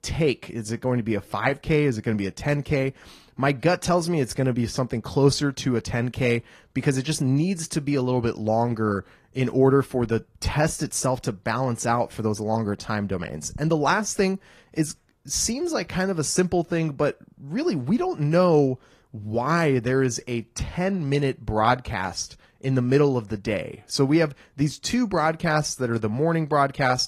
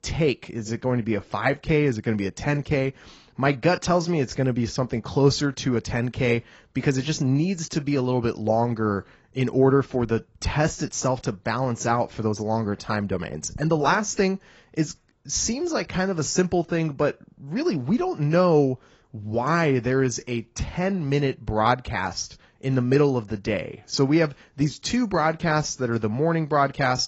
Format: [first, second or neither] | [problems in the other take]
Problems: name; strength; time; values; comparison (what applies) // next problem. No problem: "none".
first | garbled, watery; badly; nothing above 7.5 kHz; slightly in the first